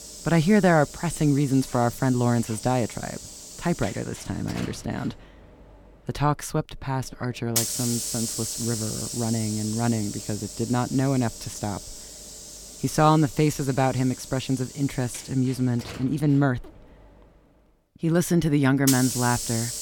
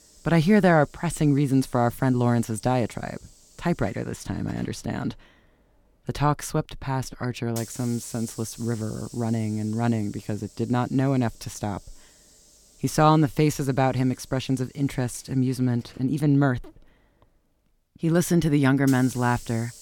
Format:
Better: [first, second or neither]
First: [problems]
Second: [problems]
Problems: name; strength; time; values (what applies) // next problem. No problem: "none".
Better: second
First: hiss; loud; throughout; 8 dB below the speech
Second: hiss; faint; throughout; 20 dB below the speech